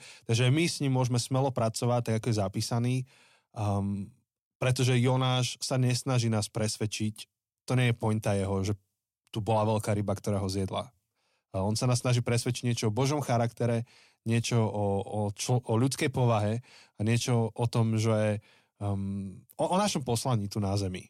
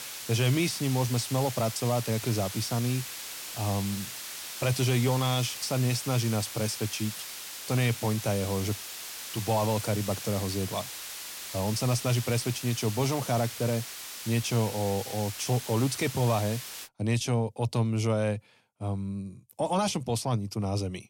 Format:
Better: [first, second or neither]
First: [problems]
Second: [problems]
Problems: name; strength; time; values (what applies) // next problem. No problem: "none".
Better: first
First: none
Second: hiss; loud; until 17 s; 8 dB below the speech